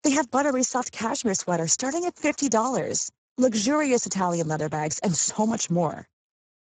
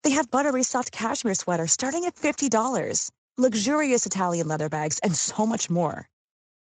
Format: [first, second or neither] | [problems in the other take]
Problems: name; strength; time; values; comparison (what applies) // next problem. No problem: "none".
second | garbled, watery; badly; nothing above 7.5 kHz; slightly in the second